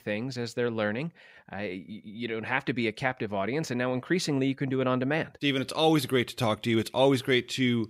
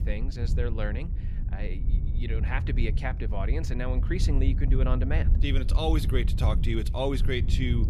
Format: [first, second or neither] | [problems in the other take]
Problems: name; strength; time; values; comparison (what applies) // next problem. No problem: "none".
first | wind noise on the microphone; heavy; 10 dB below the speech